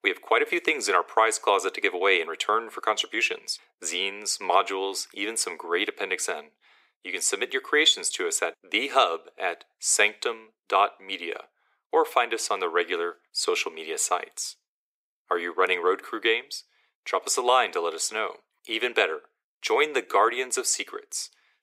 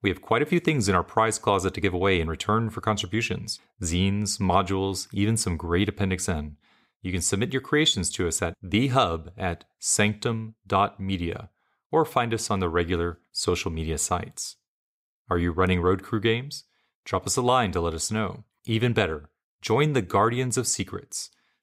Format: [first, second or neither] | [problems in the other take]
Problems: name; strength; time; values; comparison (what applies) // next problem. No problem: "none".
second | thin; very; fading below 400 Hz